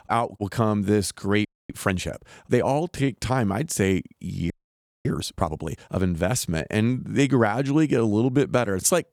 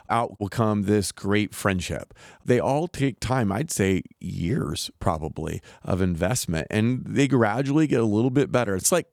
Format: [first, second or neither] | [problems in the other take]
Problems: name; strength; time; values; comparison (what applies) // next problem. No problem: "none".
second | audio freezing; at 1.5 s and at 4.5 s for 0.5 s